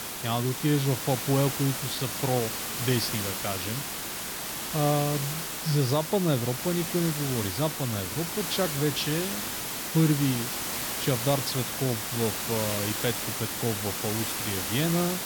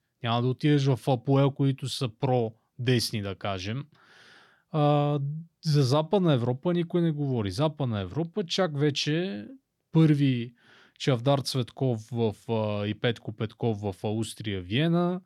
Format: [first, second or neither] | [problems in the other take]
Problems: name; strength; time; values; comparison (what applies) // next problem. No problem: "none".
second | hiss; loud; throughout; 2 dB below the speech